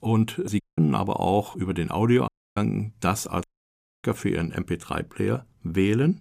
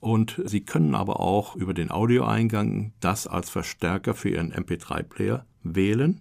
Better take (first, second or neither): second